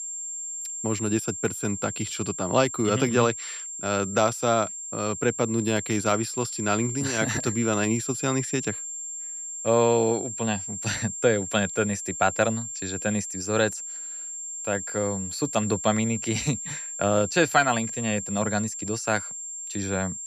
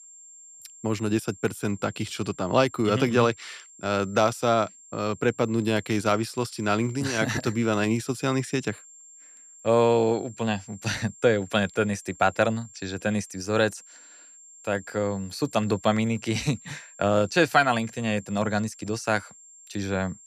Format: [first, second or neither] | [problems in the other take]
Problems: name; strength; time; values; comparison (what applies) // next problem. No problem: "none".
second | high-pitched whine; loud; throughout; 7.5 kHz, 6 dB below the speech; faint in the second